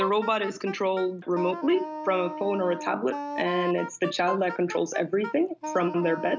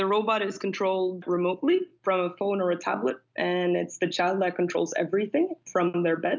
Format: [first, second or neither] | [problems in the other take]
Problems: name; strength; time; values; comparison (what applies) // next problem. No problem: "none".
second | background sound (Wind instrument, woodwind instrument); 9 dB below the speech